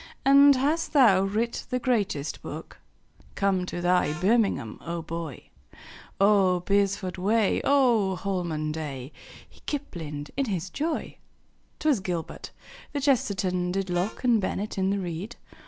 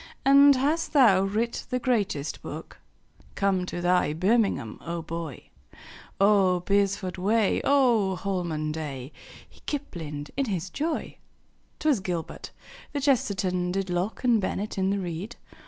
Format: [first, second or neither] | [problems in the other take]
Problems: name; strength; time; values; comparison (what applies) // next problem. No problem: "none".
second | background sound (Harmonica); 18 dB below the speech